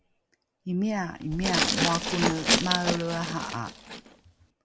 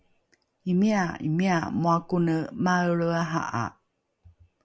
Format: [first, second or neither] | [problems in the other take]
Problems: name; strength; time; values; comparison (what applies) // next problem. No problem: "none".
second | background sound (Glass); 2 dB above the speech